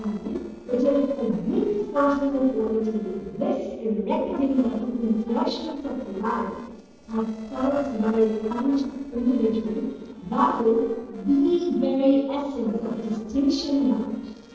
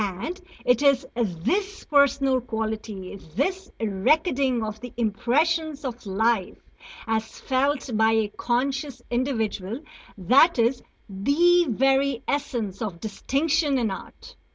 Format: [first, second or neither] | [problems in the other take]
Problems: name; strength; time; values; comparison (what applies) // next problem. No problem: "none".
second | noise reduction (neural separator model SepFormer DNS4)